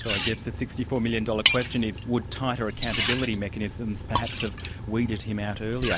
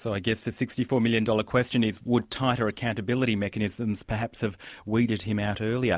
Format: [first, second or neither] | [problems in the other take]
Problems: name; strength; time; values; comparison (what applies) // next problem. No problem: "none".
second | background sound (Liquid); 3 dB below the speech